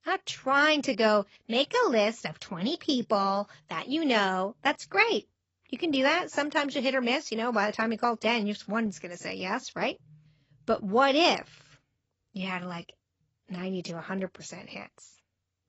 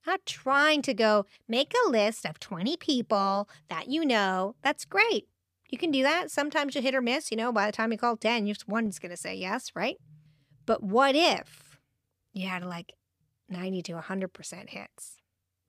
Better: second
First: garbled, watery; badly; nothing above 8 kHz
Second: none

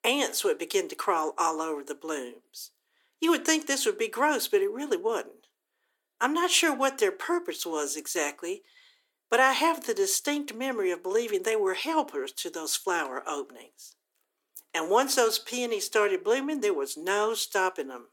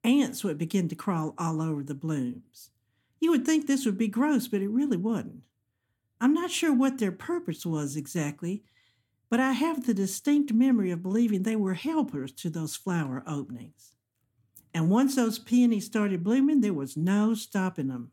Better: second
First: thin; very; fading below 400 Hz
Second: none

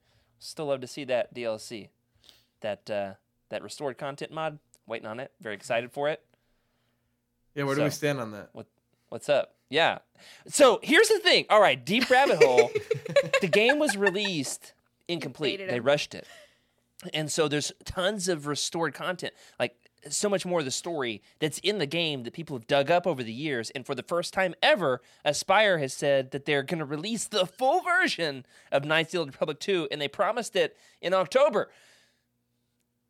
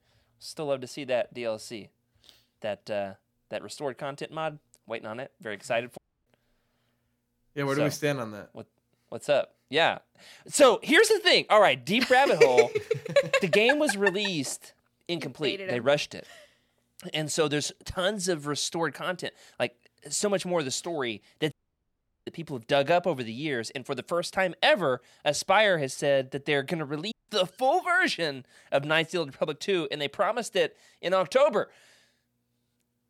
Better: first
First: none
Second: audio cutting out; at 6 s, at 22 s for 0.5 s and at 27 s

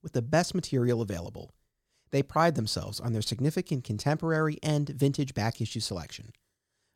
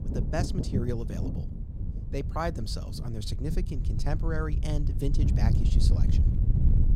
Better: first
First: none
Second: wind noise on the microphone; heavy; 6 dB below the speech

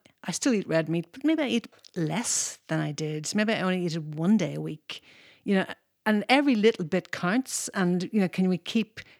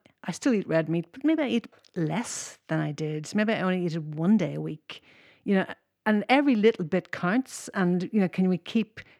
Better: first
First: none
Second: muffled; slightly; fading above 3 kHz

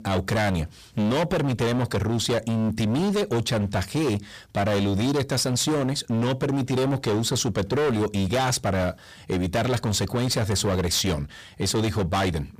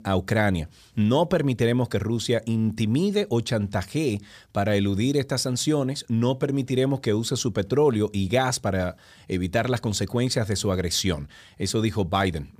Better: second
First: distortion; heavy; 27% of the sound clipped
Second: none

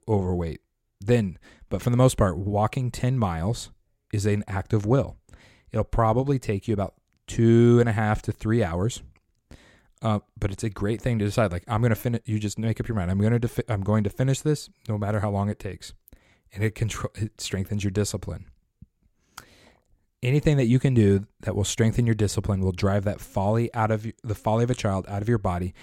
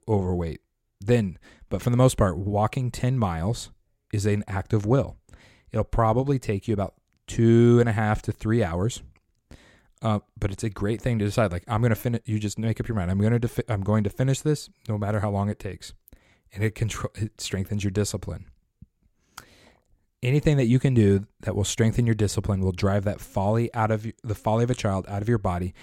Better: neither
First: none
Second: none

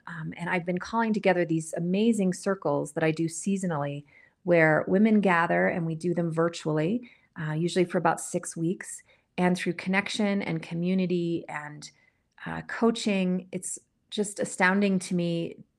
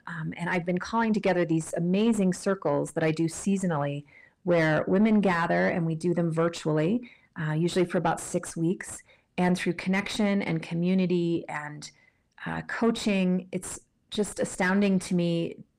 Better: first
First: none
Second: distortion; slight; 10 dB below the speech

